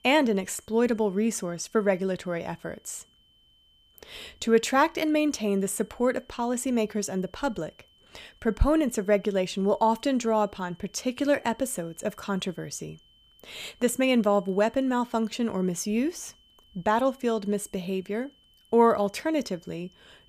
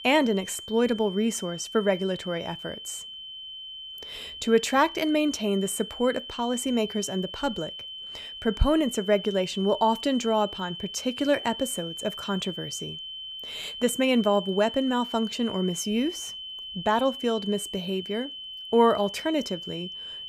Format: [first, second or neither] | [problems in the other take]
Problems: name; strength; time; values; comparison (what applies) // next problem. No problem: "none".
first | high-pitched whine; loud; throughout; 3 kHz, 10 dB below the speech; faint in the first